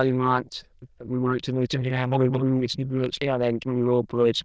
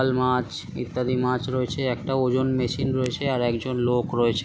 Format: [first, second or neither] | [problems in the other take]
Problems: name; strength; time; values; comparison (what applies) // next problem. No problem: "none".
second | noise reduction (neural diffusion model UNIVERSE++)